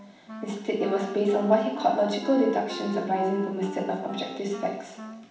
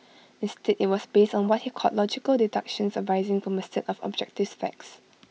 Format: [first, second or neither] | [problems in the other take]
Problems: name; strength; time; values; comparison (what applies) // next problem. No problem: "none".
second | background sound (Wind instrument, woodwind instrument); 13 dB below the speech // room echo; dies away in 0.9 s